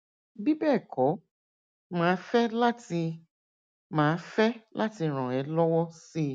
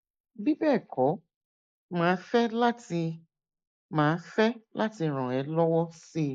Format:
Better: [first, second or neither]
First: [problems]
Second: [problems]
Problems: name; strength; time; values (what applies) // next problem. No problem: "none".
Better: first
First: none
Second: noise reduction (neural mask model Resemble Enhance denoiser)